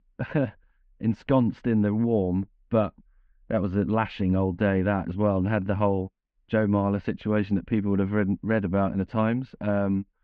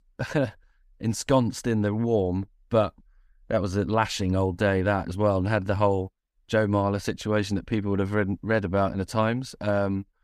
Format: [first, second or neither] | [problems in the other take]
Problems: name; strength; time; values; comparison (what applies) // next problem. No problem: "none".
second | muffled; very; fading above 2.5 kHz